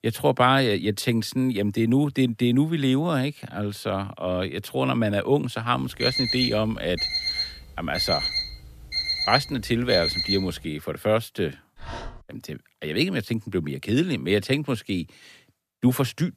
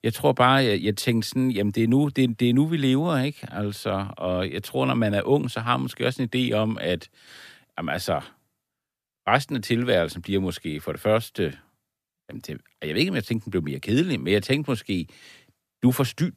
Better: second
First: alarm; loud; from 6 to 11 s; peak 2 dB above the speech // dog barking; faint; at 12 s; peak 15 dB below the speech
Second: none

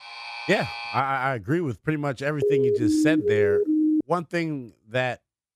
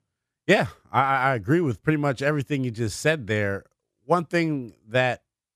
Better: second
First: alarm; noticeable; until 1 s; peak 5 dB below the speech // siren; loud; from 2.5 to 4 s; peak 5 dB above the speech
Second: none

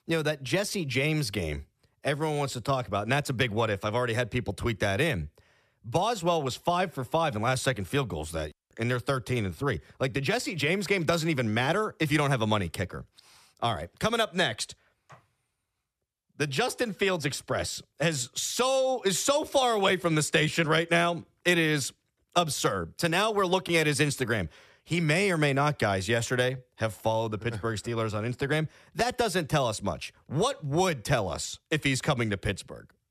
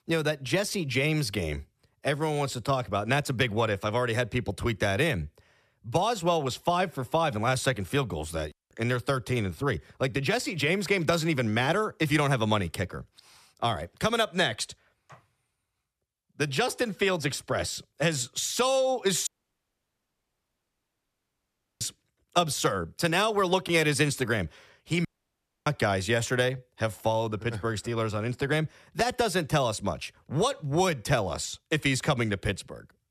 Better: first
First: none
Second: audio cutting out; at 19 s for 2.5 s and at 25 s for 0.5 s

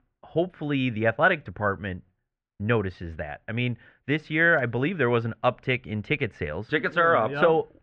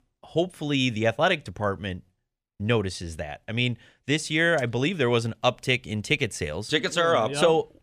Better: second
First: muffled; very; fading above 2.5 kHz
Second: none

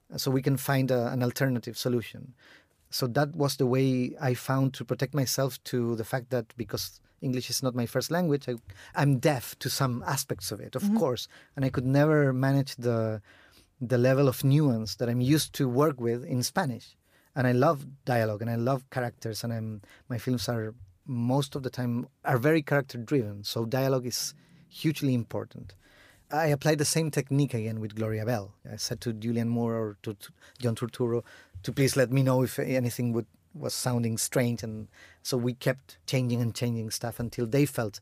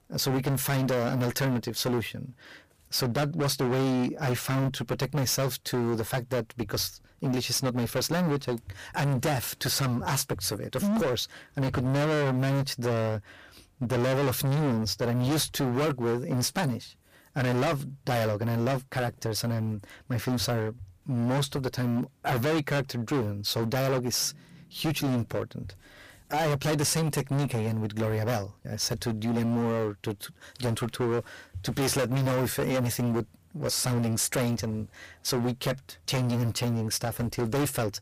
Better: first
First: none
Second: distortion; heavy; 23% of the sound clipped

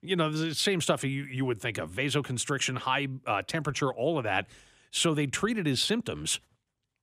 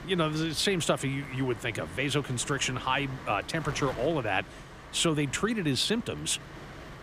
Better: first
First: none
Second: wind noise on the microphone; occasional gusts; 15 dB below the speech

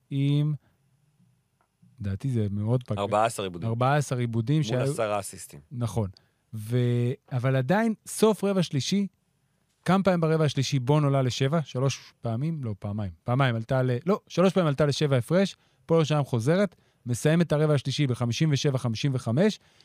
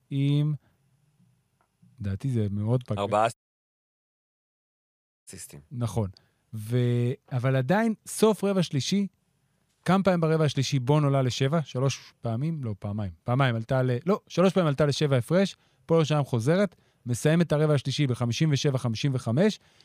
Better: first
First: none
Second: audio cutting out; at 3.5 s for 2 s

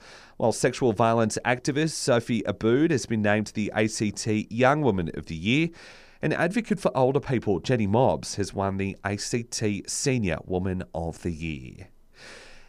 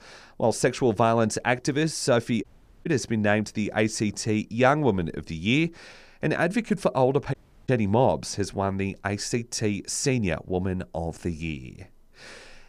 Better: first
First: none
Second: audio cutting out; at 2.5 s and at 7.5 s

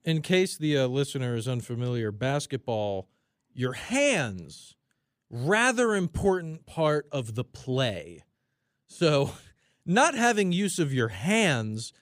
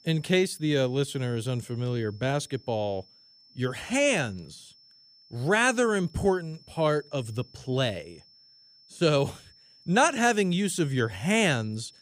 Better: first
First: none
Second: high-pitched whine; faint; throughout; 5.5 kHz, 25 dB below the speech

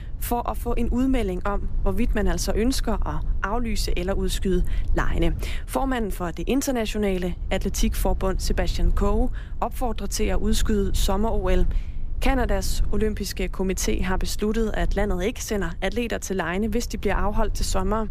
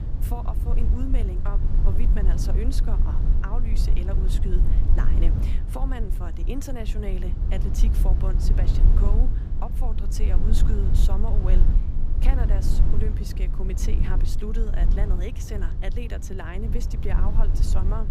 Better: first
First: low rumble; faint; throughout; 20 dB below the speech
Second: low rumble; loud; throughout; 3 dB below the speech

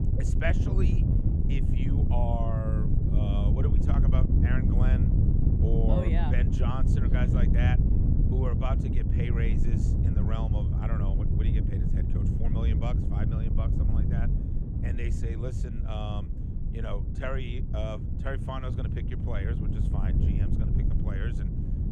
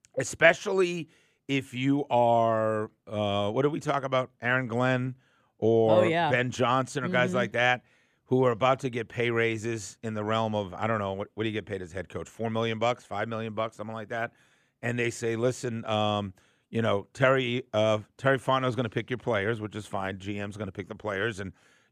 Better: second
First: wind noise on the microphone; heavy; 1 dB below the speech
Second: none

